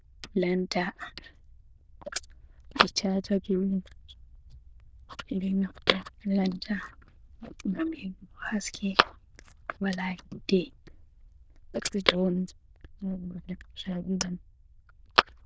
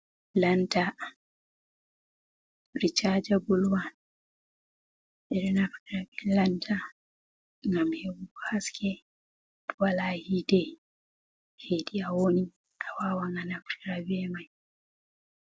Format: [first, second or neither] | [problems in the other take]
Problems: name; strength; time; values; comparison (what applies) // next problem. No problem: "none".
second | noise reduction (neural diffusion model UNIVERSE++)